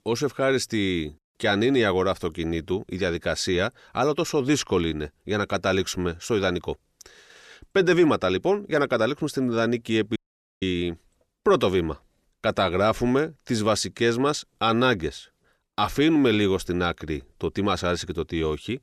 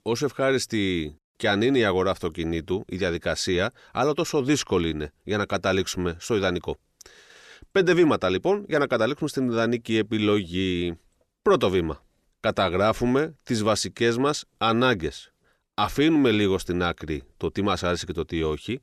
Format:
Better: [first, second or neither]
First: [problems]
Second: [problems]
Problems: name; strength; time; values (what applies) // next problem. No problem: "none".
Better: second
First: audio cutting out; at 10 s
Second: none